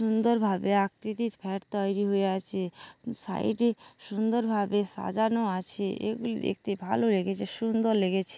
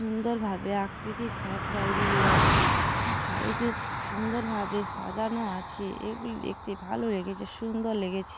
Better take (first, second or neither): first